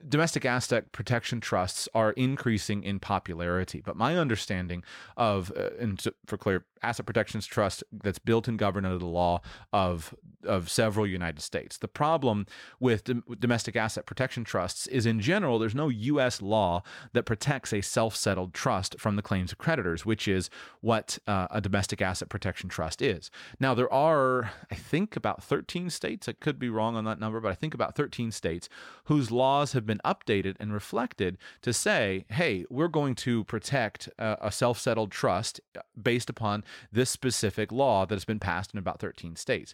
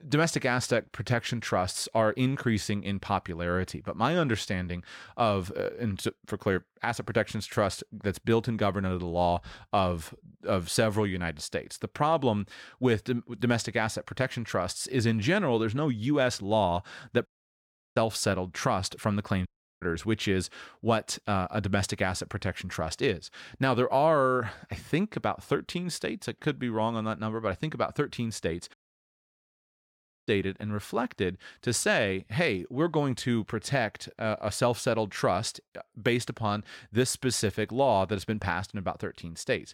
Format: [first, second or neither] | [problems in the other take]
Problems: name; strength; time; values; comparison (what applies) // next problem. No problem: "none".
first | audio cutting out; at 17 s for 0.5 s, at 19 s and at 29 s for 1.5 s